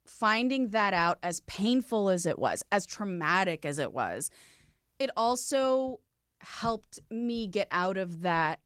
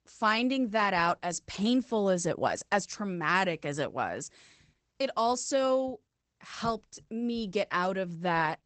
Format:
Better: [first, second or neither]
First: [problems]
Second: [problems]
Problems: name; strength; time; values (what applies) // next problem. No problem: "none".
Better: first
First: garbled, watery; slightly; nothing above 16.5 kHz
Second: garbled, watery; badly; nothing above 8 kHz